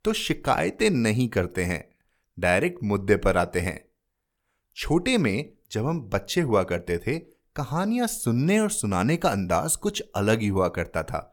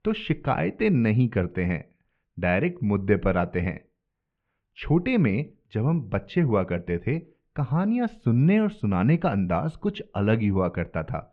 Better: first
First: none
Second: muffled; very; fading above 3 kHz

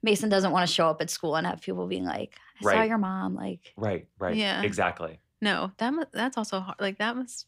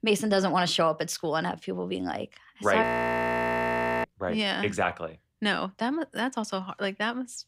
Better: first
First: none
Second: audio freezing; at 3 s for 1 s

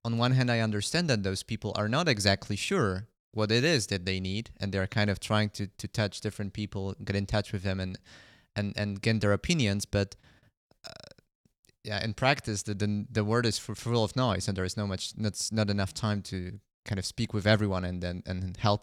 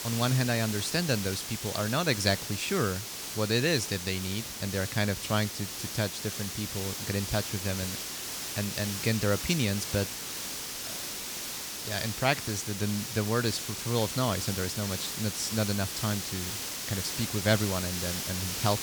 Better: first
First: none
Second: hiss; loud; throughout; 3 dB below the speech

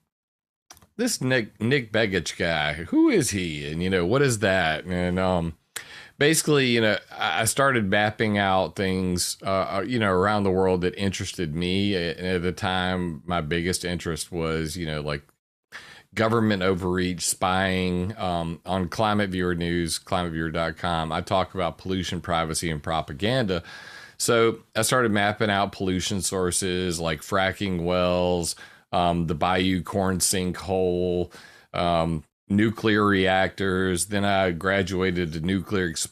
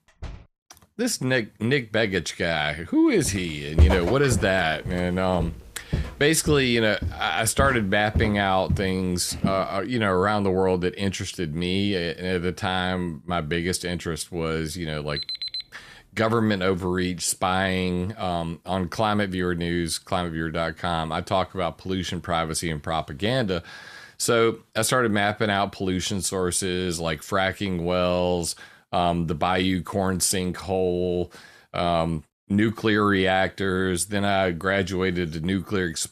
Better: first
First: none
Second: door banging; faint; at the start; peak 15 dB below the speech // footsteps; loud; from 3.5 to 9.5 s; peak 4 dB above the speech // alarm; noticeable; at 15 s; peak 4 dB below the speech

